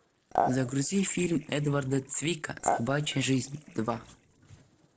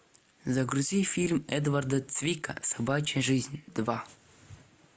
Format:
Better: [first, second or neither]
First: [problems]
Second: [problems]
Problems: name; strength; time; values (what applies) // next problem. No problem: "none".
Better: second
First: noise reduction (neural separator model SepFormer DNS4)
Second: none